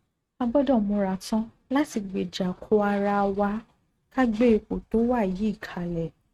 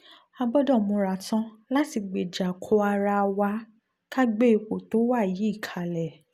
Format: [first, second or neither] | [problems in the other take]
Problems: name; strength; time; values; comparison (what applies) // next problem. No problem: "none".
second | noise reduction (neural mask model RNNoise)